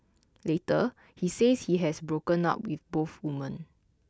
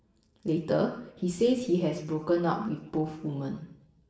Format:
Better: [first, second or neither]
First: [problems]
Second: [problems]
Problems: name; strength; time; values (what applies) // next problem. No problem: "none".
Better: first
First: none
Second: room echo; dies away in 0.8 s